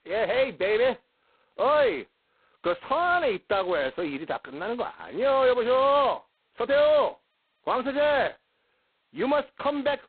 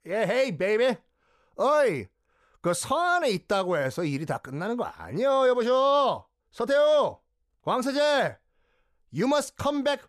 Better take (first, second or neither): second